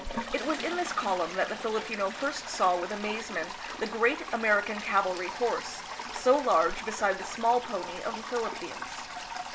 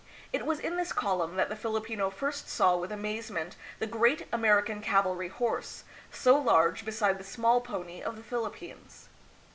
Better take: second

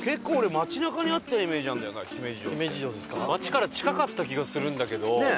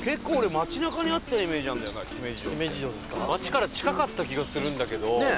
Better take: first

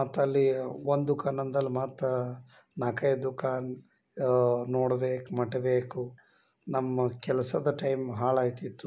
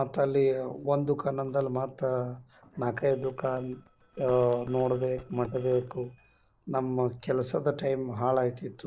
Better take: first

